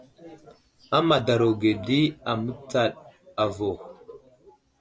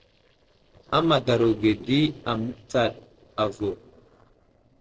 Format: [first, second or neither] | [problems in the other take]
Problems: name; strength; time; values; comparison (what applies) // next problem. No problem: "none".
first | noise reduction (neural separator model SepFormer DNS4)